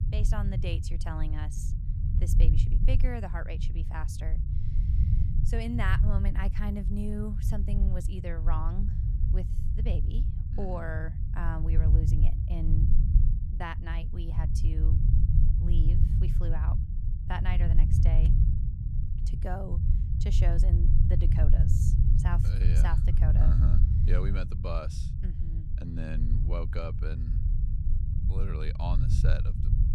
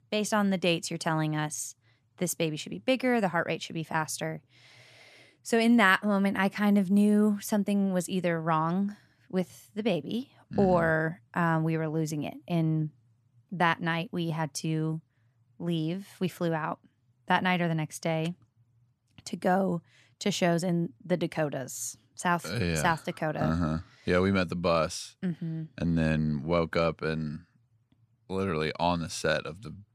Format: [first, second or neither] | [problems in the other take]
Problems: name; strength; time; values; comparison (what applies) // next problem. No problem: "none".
second | low rumble; loud; throughout; 4 dB below the speech